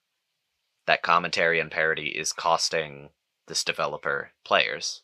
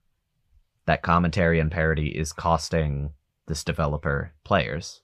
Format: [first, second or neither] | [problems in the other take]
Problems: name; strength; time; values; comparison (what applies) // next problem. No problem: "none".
second | thin; very; fading below 400 Hz